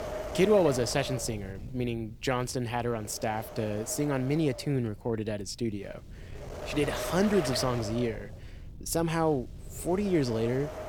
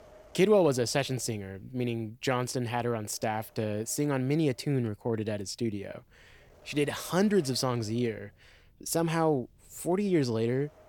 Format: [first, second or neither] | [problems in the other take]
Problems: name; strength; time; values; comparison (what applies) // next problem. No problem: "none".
second | wind noise on the microphone; heavy; 7 dB below the speech; occasional gusts in the second